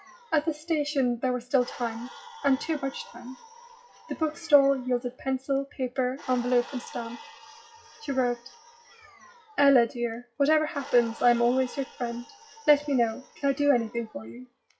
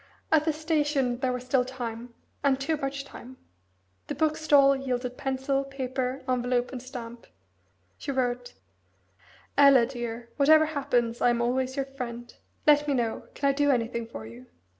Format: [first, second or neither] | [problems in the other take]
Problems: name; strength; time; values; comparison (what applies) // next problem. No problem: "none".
second | noise reduction (classical method WPE with log-MMSE)